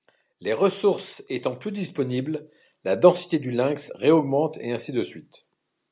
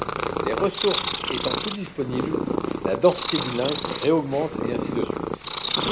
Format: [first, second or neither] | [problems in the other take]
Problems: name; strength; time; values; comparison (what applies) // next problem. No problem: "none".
first | background sound (Purr); 1 dB below the speech